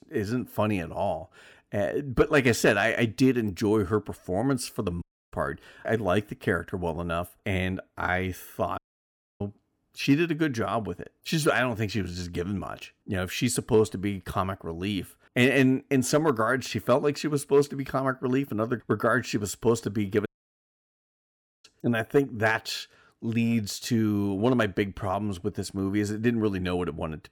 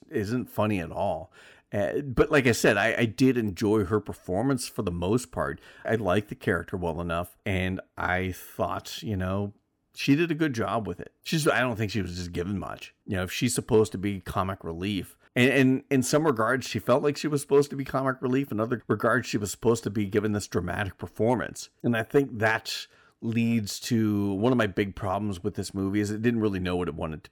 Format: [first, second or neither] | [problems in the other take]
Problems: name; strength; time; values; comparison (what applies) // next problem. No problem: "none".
second | audio cutting out; at 5 s, at 9 s for 0.5 s and at 20 s for 1.5 s